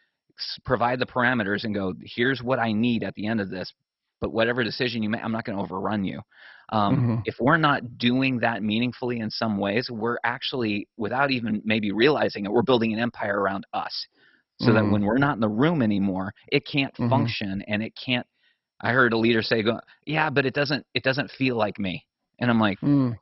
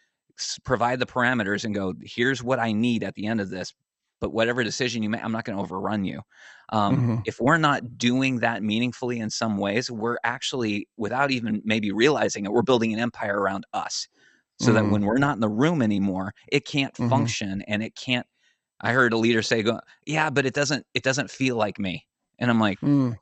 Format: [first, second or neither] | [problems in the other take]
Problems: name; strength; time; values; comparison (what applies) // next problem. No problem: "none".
second | garbled, watery; badly; nothing above 5.5 kHz; slightly in the second